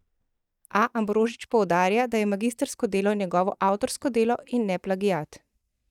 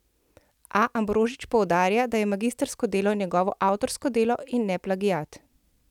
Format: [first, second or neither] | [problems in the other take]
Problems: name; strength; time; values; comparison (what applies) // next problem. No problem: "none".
second | noise reduction (neural mask model DeepFilterNet 3)